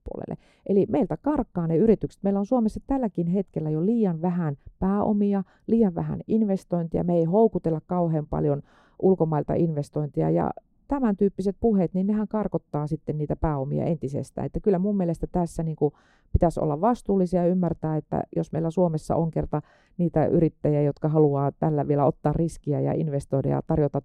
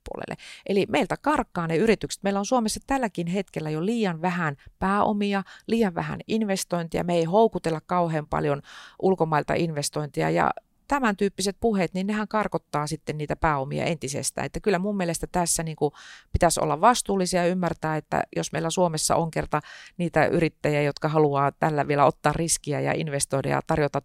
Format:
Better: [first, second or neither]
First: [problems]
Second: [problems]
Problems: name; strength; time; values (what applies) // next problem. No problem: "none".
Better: second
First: muffled; very; fading above 1 kHz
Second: none